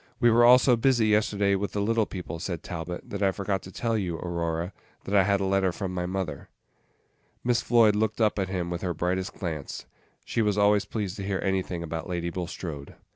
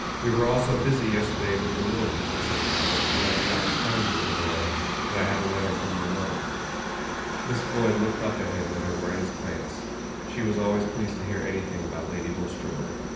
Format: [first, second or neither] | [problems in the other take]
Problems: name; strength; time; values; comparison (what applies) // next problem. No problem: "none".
first | background sound (Aircraft); as loud as the speech // room echo; dies away in 0.9 s